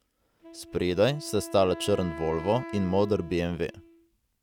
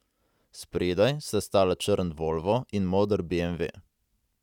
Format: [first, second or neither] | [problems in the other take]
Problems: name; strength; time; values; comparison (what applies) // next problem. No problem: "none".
second | background sound (Wind instrument, woodwind instrument); 14 dB below the speech